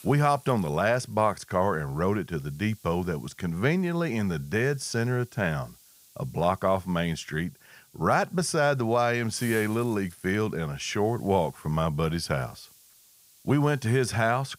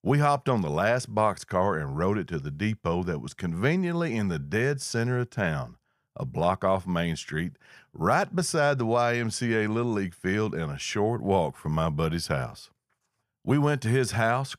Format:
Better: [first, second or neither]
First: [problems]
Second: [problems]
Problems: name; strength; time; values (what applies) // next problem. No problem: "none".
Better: second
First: hiss; faint; throughout; 25 dB below the speech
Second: none